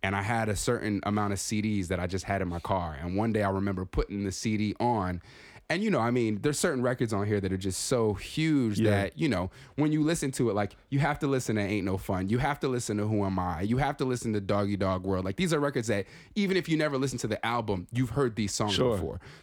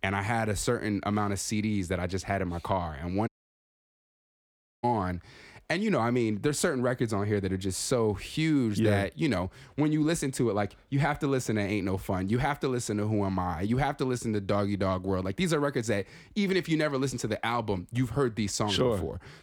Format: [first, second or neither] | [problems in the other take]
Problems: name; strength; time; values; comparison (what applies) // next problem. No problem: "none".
first | audio cutting out; at 3.5 s for 1.5 s